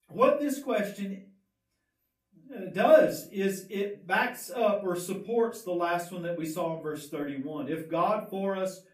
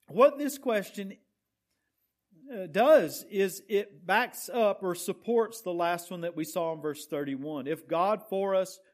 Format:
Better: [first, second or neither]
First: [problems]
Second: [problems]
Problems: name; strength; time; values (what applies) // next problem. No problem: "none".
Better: second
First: room echo; slight; dies away in 0.3 s // off-mic speech; far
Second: none